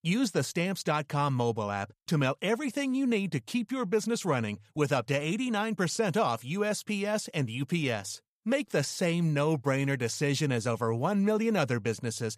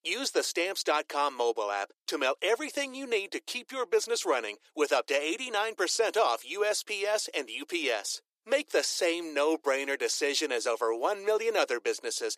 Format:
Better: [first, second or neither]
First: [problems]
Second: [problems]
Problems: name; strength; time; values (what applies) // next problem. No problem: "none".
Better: first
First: none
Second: thin; very; fading below 300 Hz